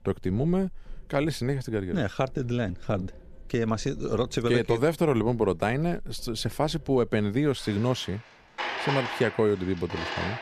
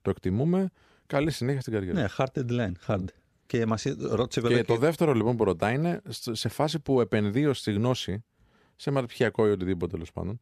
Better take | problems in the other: second | household noises; loud; throughout; 9 dB below the speech

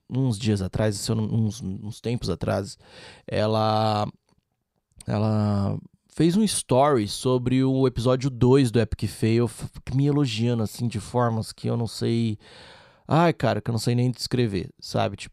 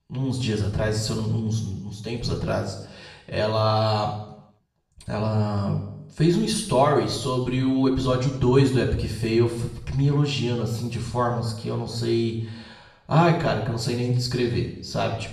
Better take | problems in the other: first | room echo; noticeable; dies away in 0.7 s // off-mic speech; far

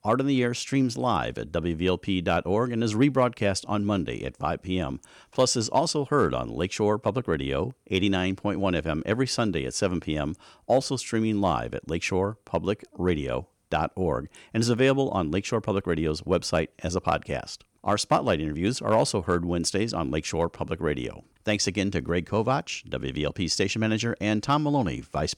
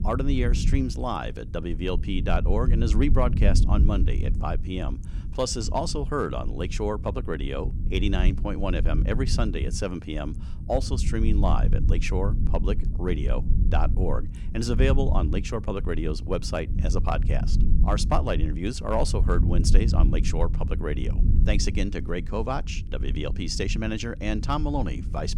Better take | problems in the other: first | low rumble; noticeable; throughout; 10 dB below the speech

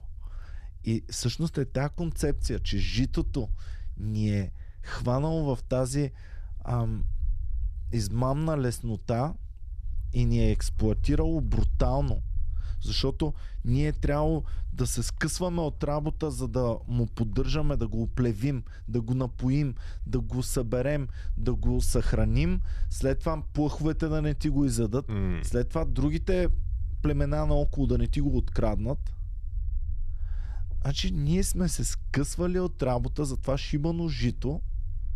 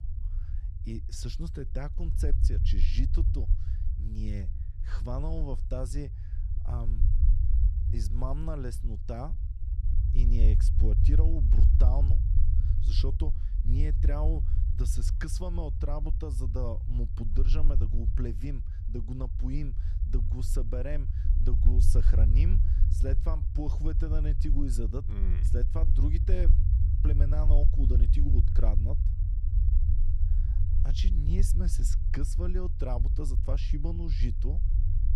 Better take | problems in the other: first | low rumble; loud; throughout; 6 dB below the speech; faint in the first

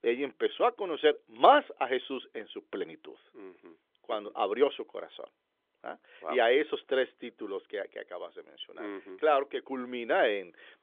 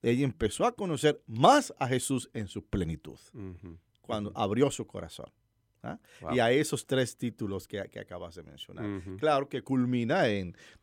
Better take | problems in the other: second | phone-call audio; nothing above 3.5 kHz

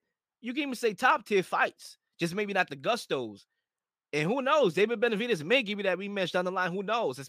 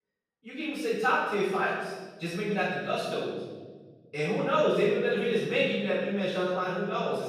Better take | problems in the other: first | off-mic speech; far // room echo; strong; dies away in 1.4 s

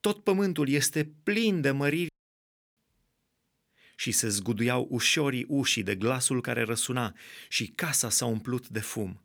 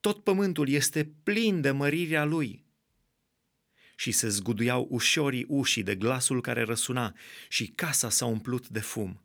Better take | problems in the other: second | audio cutting out; at 2 s for 0.5 s

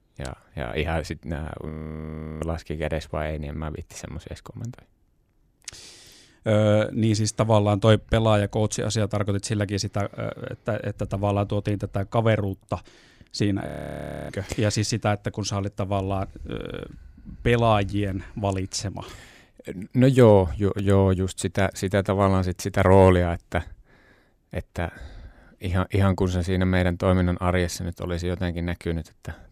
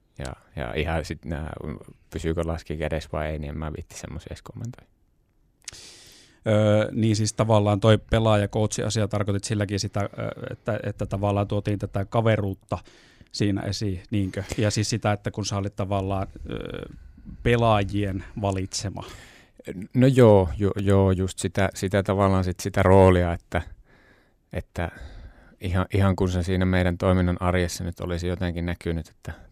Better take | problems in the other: second | audio freezing; at 1.5 s for 0.5 s and at 14 s for 0.5 s

